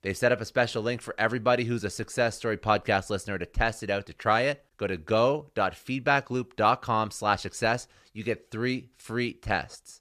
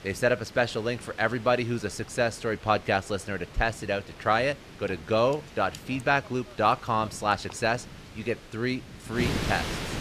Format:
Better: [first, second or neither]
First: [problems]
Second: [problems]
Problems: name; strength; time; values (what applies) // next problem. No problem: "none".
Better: first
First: none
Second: wind noise on the microphone; occasional gusts; 15 dB below the speech